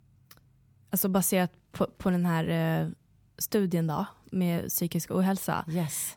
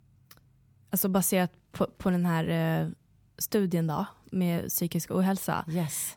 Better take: neither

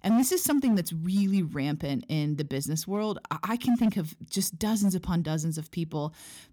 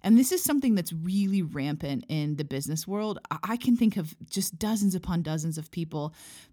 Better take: second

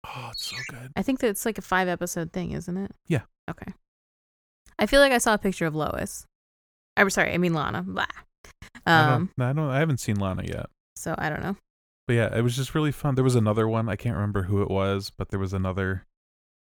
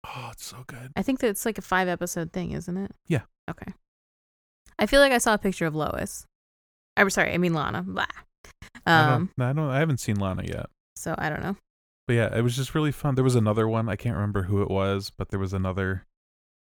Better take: second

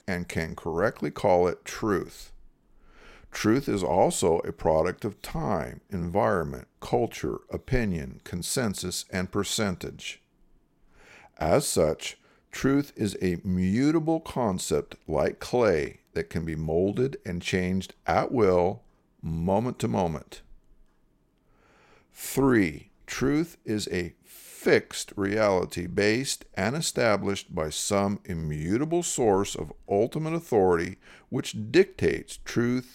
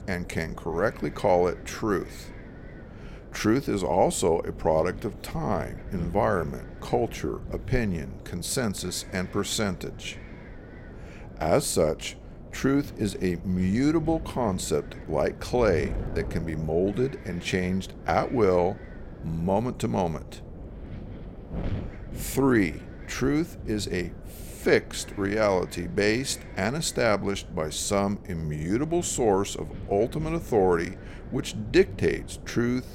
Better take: first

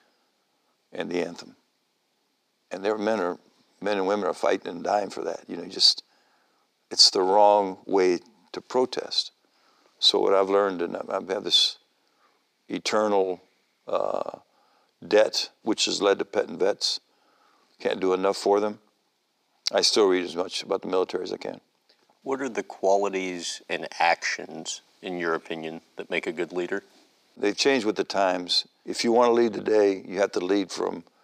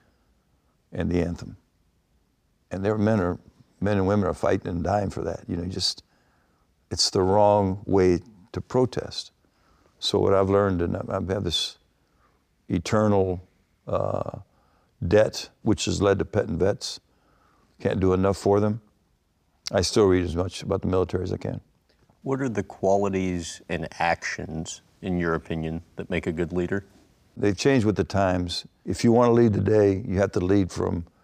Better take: second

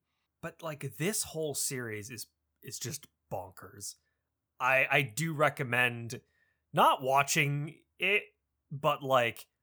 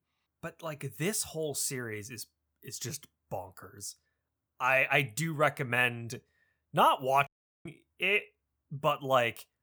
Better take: first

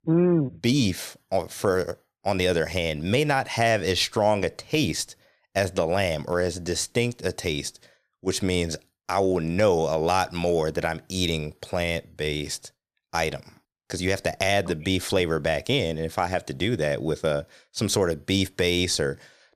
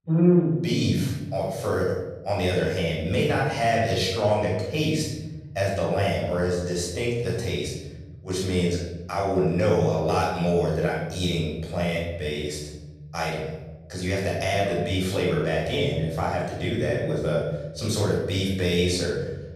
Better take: first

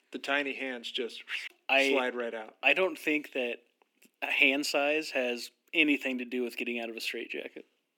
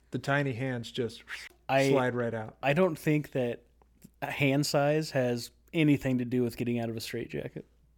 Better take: second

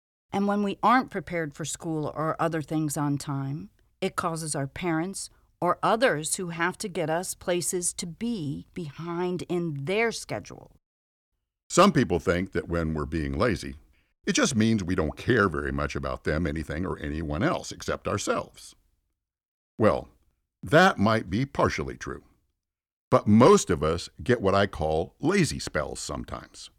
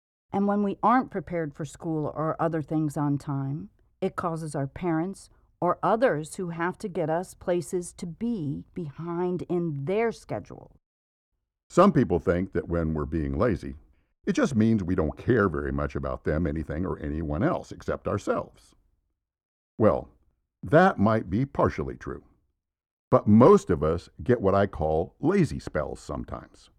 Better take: first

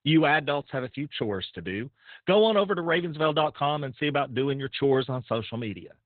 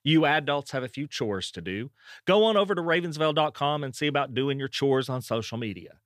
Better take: second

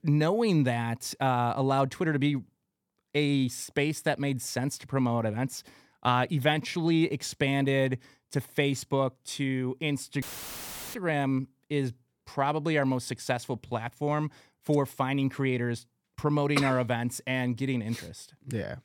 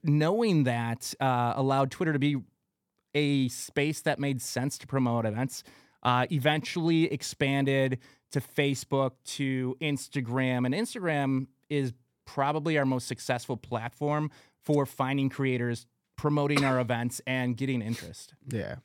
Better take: second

